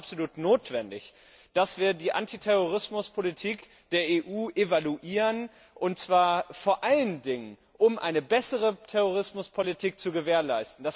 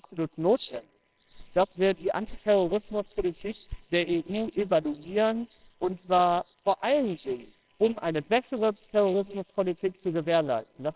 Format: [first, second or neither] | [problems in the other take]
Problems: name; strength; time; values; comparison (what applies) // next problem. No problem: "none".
first | noise reduction (neural separator model SepFormer WHAMR!)